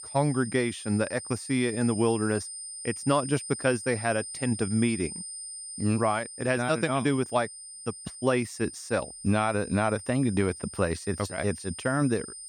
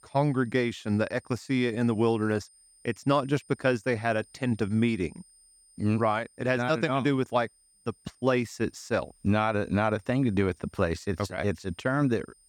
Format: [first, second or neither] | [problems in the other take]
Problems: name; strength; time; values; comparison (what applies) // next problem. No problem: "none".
second | high-pitched whine; loud; throughout; 9 kHz, 10 dB below the speech; faint in the second